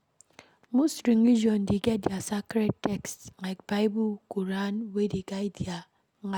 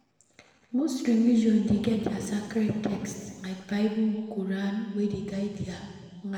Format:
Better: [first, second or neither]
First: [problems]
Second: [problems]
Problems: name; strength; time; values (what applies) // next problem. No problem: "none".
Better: first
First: none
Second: room echo; dies away in 1.5 s